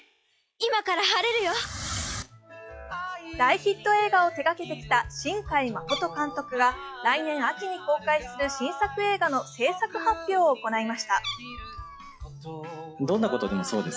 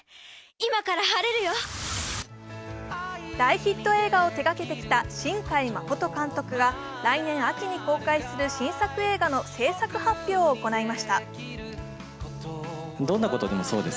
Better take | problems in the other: second | noise reduction (classical method log-MMSE)

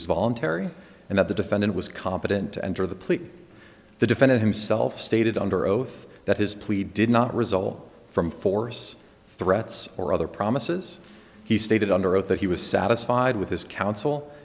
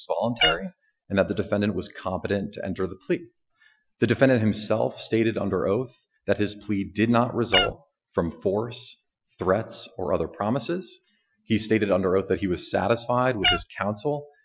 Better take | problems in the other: first | noise reduction (classical method Wiener filter)

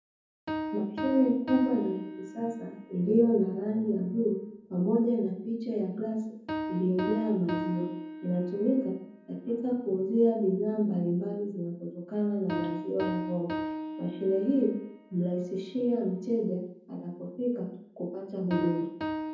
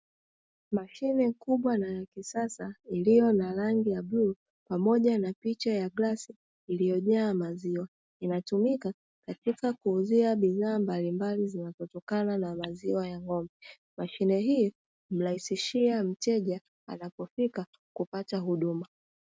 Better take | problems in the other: second | background sound (Piano); 10 dB below the speech // room echo; dies away in 0.7 s

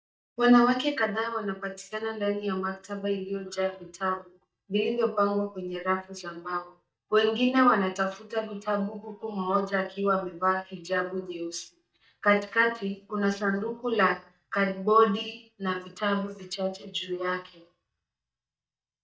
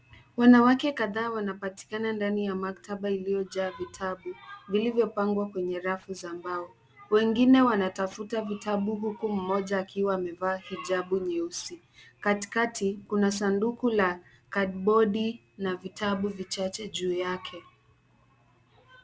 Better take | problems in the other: second | noise reduction (neural mask model DeepFilterNet 3)

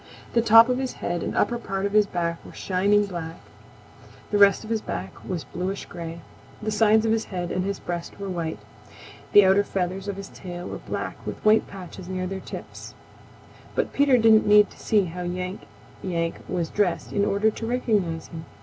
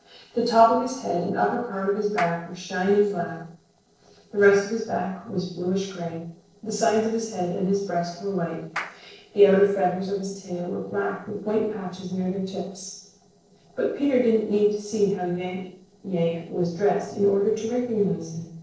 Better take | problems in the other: first | noise reduction (neural separator model SepFormer DNS4)

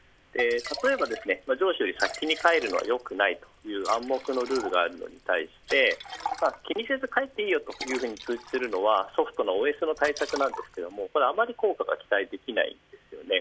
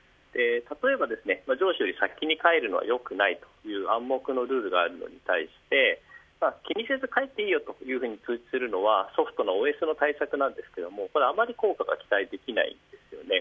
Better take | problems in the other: second | background sound (Liquid); 15 dB below the speech

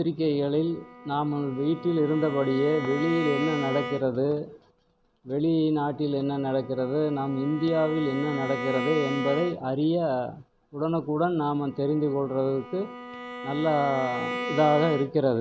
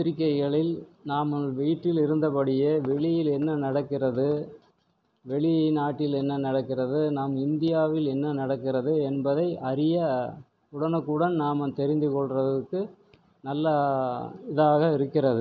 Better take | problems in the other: second | background sound (Bowed string instrument); 10 dB below the speech

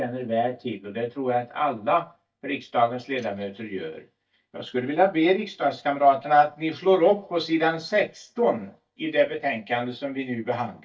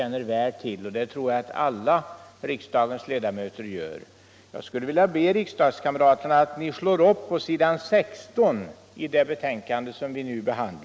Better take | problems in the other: second | noise reduction (neural mask model DeepFilterNet 3)

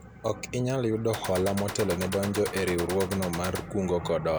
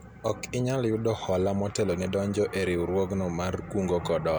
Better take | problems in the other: second | background sound (Gunshot, gunfire); 9 dB below the speech

